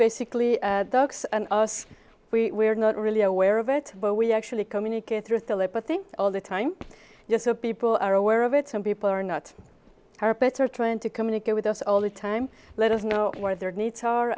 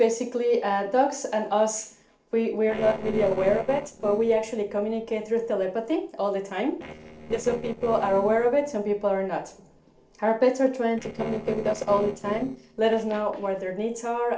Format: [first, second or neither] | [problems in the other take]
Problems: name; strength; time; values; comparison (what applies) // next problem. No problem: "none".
first | noise reduction (neural separator model SepFormer DNS4)